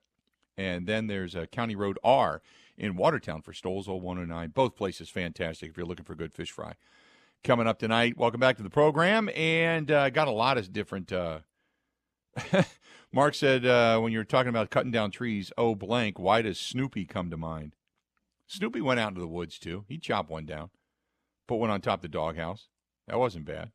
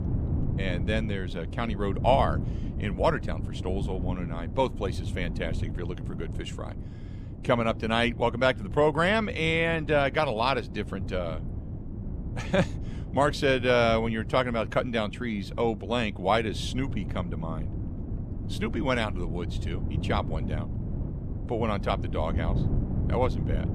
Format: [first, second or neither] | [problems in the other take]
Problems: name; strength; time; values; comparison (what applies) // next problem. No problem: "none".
first | wind noise on the microphone; occasional gusts; 15 dB below the speech